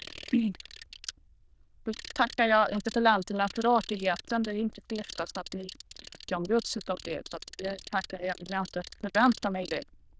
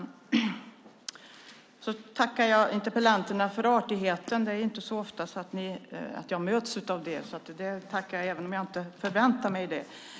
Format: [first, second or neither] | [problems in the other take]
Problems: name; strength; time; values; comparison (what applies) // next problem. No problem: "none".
second | noise reduction (neural diffusion model UNIVERSE++)